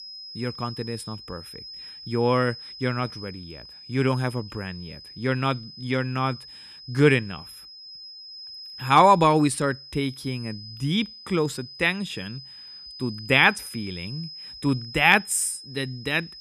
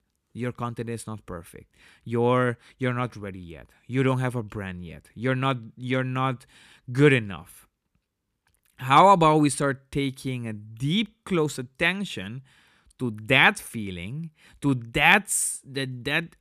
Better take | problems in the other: second | high-pitched whine; noticeable; throughout; 5 kHz, 15 dB below the speech

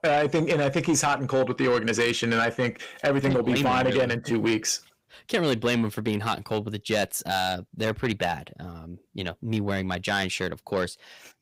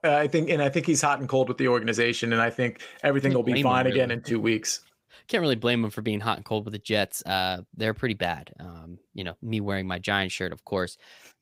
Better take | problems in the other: second | distortion; slight; 10 dB below the speech

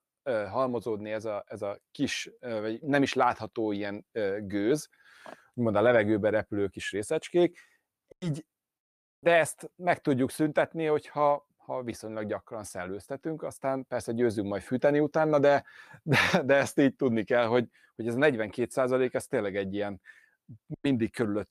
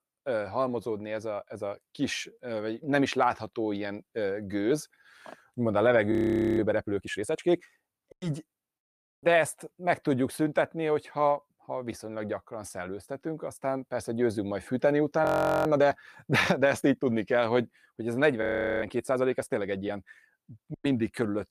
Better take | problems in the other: first | audio freezing; at 6 s, at 15 s and at 18 s

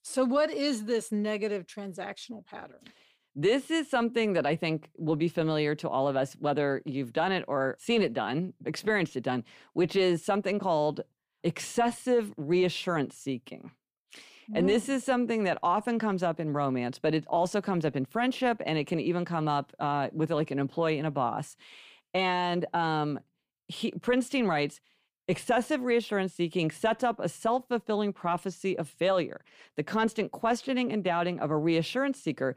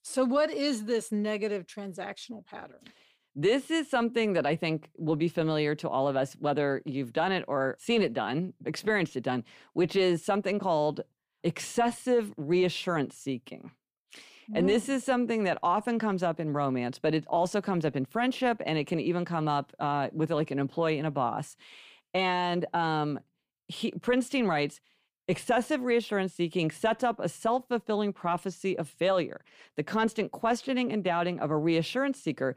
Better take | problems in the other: neither | none

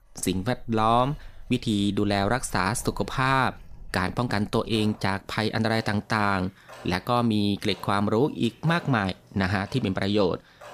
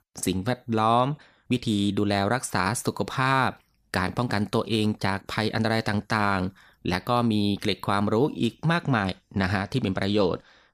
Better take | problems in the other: second | household noises; faint; throughout; 25 dB below the speech

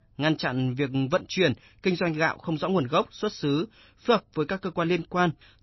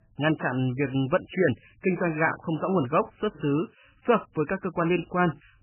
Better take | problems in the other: first | garbled, watery; badly; nothing above 3 kHz; slightly in the first

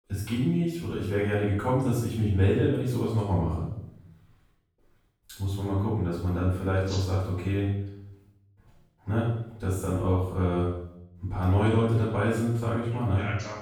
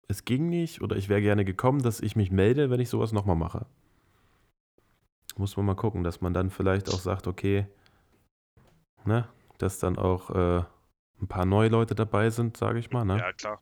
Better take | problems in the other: second | off-mic speech; far // room echo; strong; dies away in 0.7 s

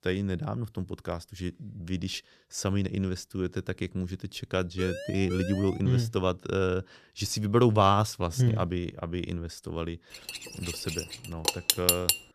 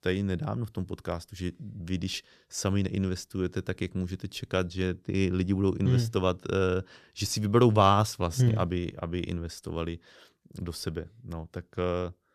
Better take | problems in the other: second | siren; noticeable; from 5 to 6 s; peak 8 dB below the speech // clattering dishes; loud; from 10 s on; peak 6 dB above the speech

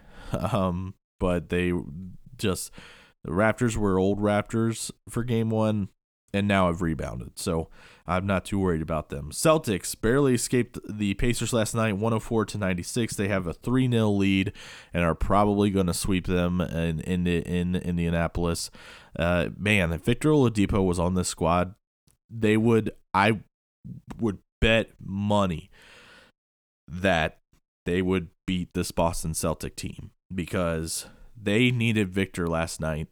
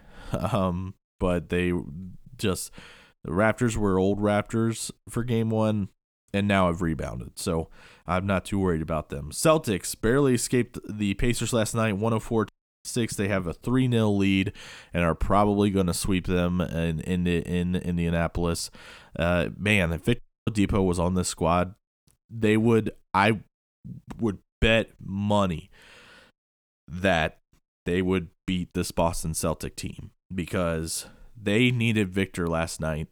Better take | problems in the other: first | audio cutting out; at 12 s and at 20 s

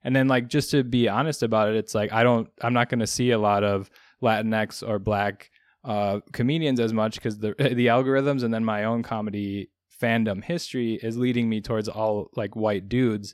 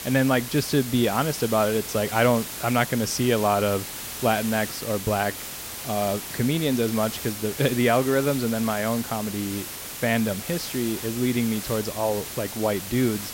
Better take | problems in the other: first | hiss; loud; throughout; 8 dB below the speech

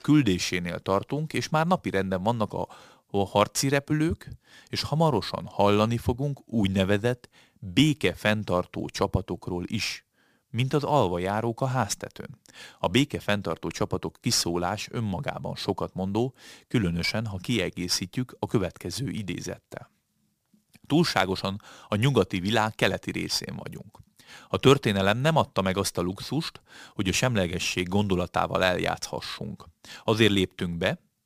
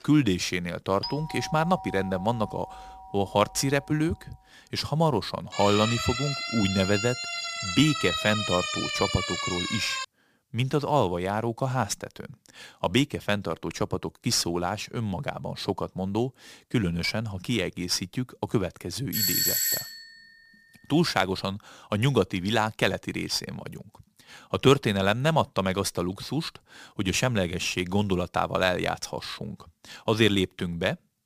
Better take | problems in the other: first | doorbell; noticeable; from 1 to 4 s; peak 8 dB below the speech // siren; noticeable; from 5.5 to 10 s; peak 1 dB below the speech // doorbell; loud; at 19 s; peak 5 dB above the speech

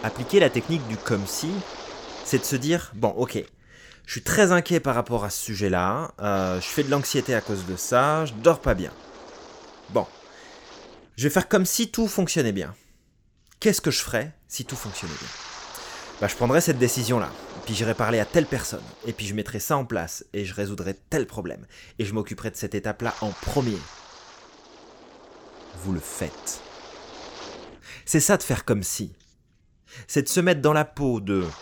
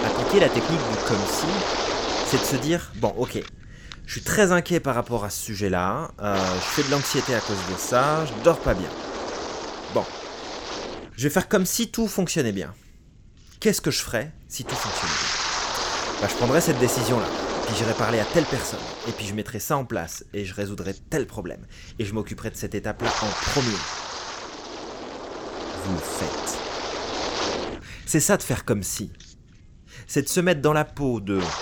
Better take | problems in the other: first | wind noise on the microphone; heavy; 2 dB below the speech; occasional gusts in the first

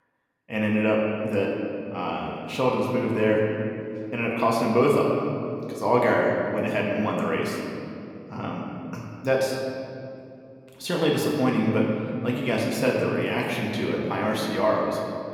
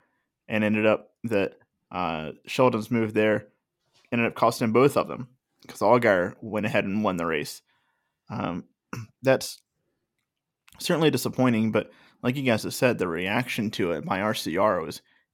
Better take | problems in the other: second | room echo; noticeable; dies away in 2.4 s // off-mic speech; somewhat distant

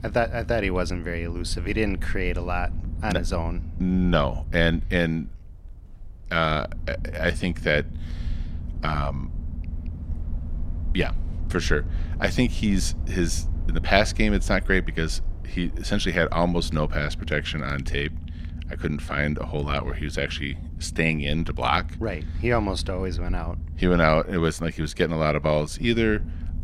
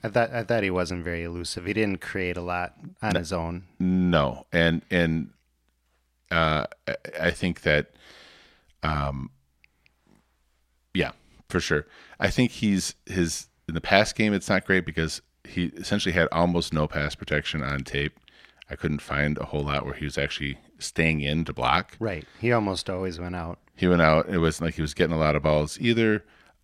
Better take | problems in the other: second | low rumble; faint; throughout; 20 dB below the speech

